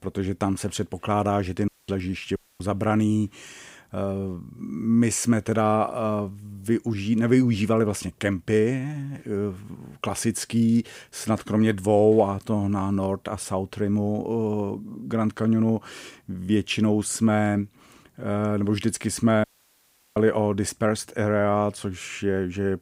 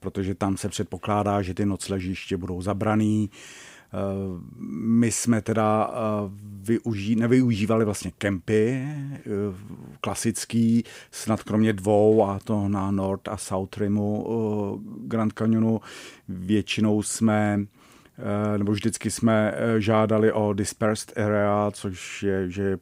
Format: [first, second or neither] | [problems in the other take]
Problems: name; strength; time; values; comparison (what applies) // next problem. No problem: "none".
second | audio cutting out; at 1.5 s, at 2.5 s and at 19 s for 0.5 s